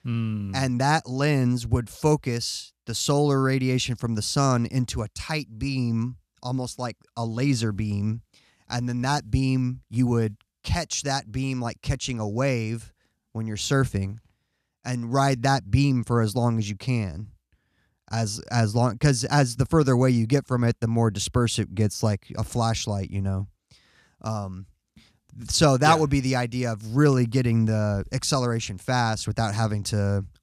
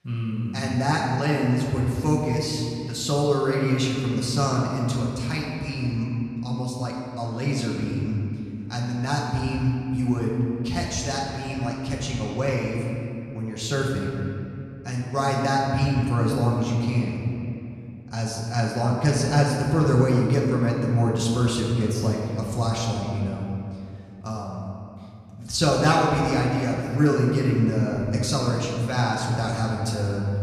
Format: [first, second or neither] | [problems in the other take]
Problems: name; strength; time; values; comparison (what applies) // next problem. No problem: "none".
first | room echo; noticeable; dies away in 2.5 s // off-mic speech; far